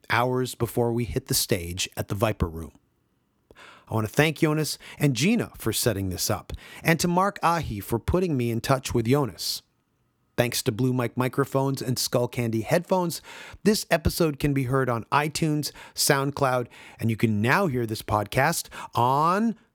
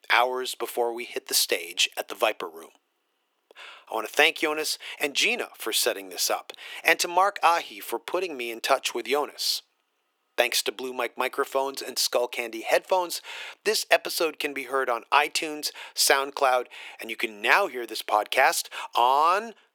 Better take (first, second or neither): first